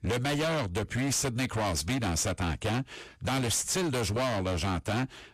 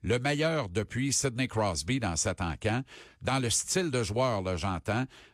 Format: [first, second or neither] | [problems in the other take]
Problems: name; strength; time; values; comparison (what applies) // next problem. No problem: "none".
second | distortion; heavy; 31% of the sound clipped